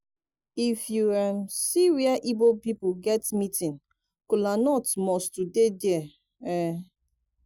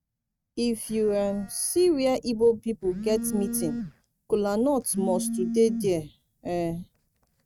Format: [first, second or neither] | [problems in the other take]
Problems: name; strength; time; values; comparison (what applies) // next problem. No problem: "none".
first | noise reduction (neural mask model RNNoise)